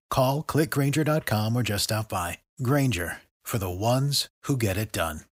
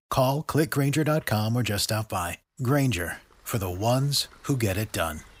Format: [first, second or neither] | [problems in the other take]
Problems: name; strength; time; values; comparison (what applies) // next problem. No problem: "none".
first | rain or running water; faint; from 3 s on; 30 dB below the speech